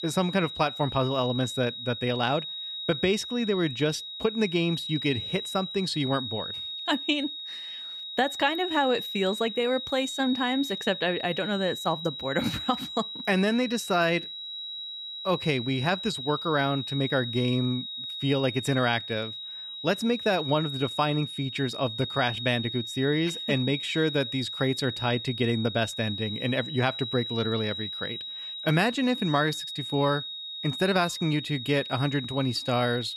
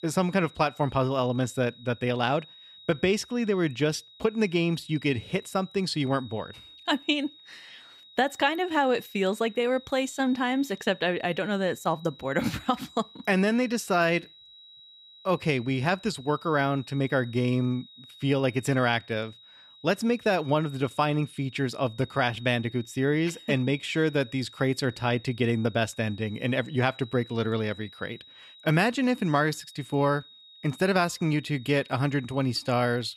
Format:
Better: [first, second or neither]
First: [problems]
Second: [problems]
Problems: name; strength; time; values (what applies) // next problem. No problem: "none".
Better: second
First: high-pitched whine; loud; throughout; 4 kHz, 6 dB below the speech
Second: high-pitched whine; faint; throughout; 4 kHz, 20 dB below the speech